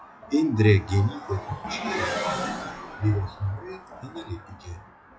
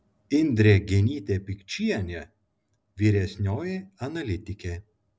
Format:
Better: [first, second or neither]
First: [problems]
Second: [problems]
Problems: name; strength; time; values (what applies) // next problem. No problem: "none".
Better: second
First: noise reduction (classical method log-MMSE)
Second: none